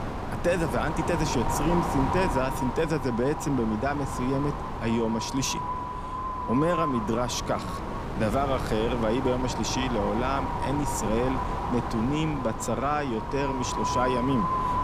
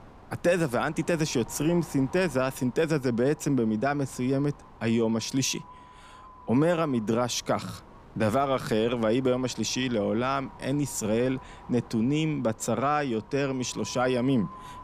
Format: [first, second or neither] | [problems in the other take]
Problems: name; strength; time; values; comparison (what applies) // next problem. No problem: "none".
second | wind noise on the microphone; heavy; 1 dB below the speech; occasional gusts in the second